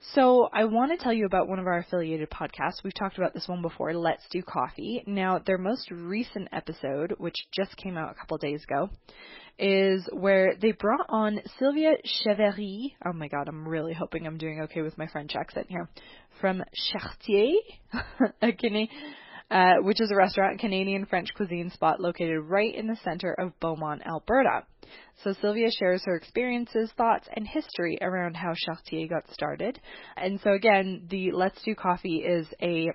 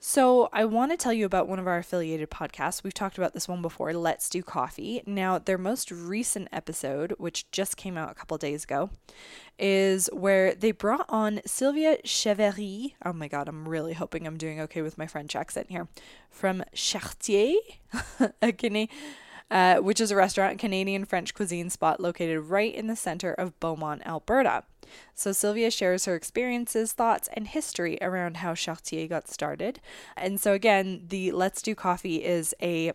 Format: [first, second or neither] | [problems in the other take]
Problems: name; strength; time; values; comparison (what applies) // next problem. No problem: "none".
second | garbled, watery; badly; nothing above 5.5 kHz